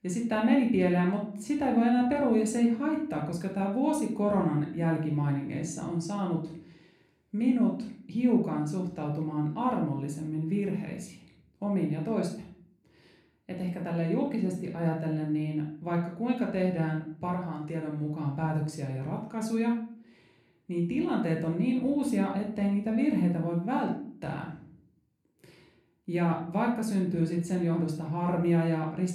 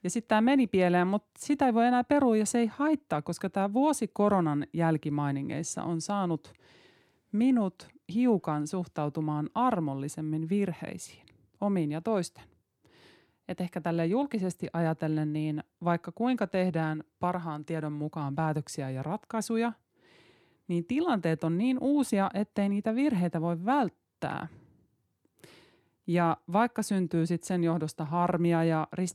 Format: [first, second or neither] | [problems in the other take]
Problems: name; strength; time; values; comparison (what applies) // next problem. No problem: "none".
second | off-mic speech; somewhat distant // room echo; noticeable; dies away in 0.5 s